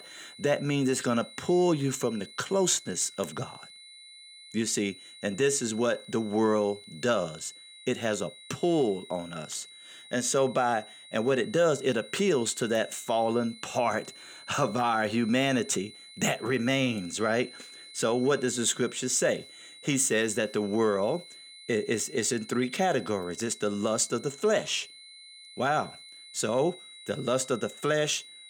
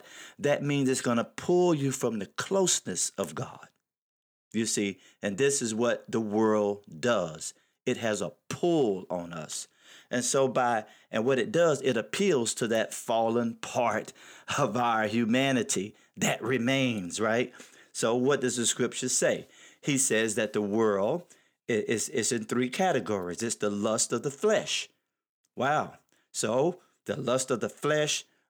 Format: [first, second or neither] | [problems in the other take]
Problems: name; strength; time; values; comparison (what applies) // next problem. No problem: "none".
second | high-pitched whine; noticeable; throughout; 4 kHz, 20 dB below the speech